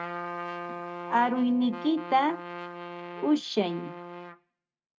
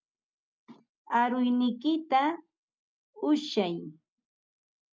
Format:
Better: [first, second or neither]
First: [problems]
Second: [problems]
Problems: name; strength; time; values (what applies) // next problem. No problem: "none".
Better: second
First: noise reduction (neural mask model RNNoise)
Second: none